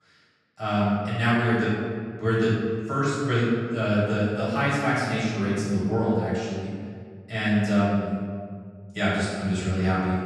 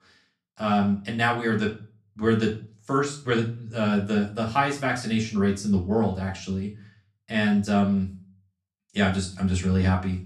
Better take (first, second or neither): second